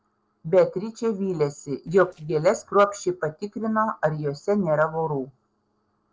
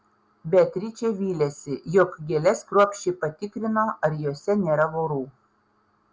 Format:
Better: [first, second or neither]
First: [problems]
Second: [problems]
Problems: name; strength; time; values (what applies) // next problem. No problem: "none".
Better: second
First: noise reduction (neural separator model SepFormer DNS4)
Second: none